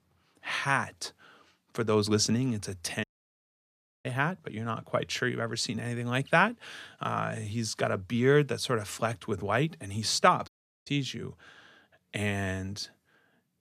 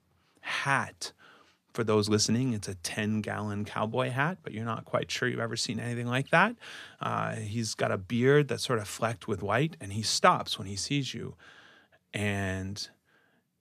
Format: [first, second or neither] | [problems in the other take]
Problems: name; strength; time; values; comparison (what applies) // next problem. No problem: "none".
second | audio cutting out; at 3 s for 1 s and at 10 s